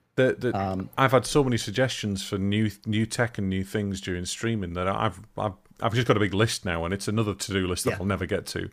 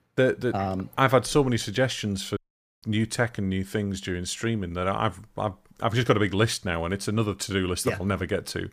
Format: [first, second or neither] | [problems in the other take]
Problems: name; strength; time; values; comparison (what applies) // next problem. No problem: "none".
first | audio cutting out; at 2.5 s